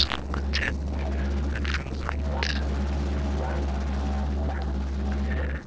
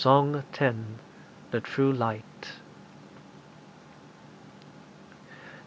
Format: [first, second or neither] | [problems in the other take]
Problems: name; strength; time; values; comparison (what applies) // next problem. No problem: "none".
second | noise reduction (neural separator model SepFormer DNS4)